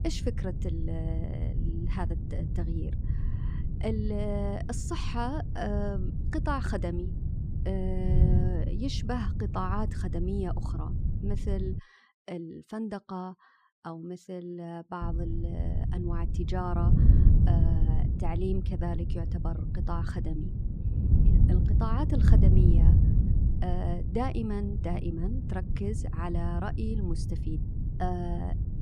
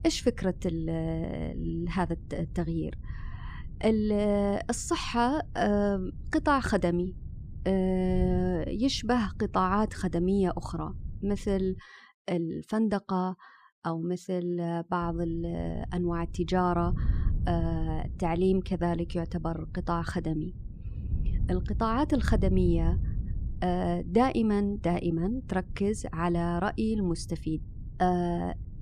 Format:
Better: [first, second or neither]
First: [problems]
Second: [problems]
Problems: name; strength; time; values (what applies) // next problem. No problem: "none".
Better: second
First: wind noise on the microphone; heavy; until 12 s and from 15 s on; 5 dB below the speech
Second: wind noise on the microphone; occasional gusts; until 12 s and from 15 s on; 20 dB below the speech